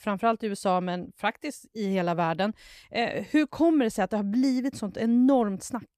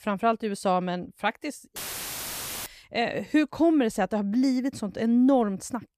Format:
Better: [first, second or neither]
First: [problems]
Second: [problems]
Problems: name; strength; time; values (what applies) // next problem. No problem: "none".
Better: first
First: none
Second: audio cutting out; filled with static; at 2 s for 1 s